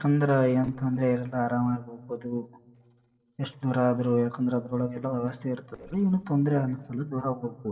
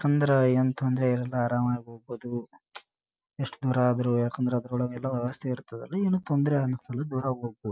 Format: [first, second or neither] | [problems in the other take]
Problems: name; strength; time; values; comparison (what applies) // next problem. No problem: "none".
second | noise reduction (neural separator model SepFormer DNS4)